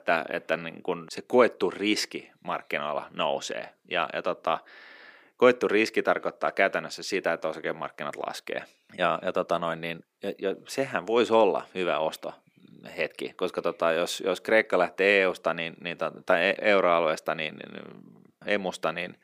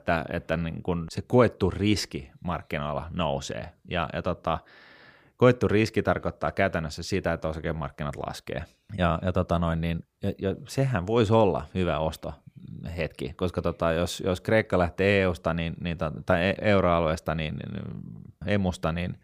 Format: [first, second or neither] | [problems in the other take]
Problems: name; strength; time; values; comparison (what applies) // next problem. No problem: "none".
second | thin; somewhat; fading below 300 Hz